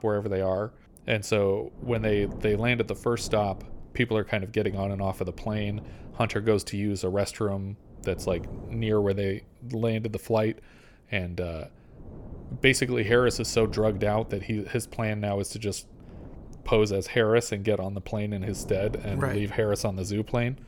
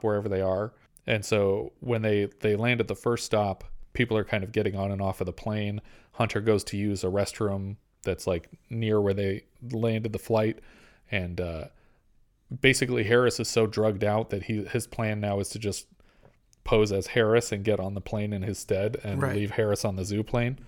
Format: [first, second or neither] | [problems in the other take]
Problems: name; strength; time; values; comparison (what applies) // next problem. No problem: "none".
second | wind noise on the microphone; occasional gusts; 20 dB below the speech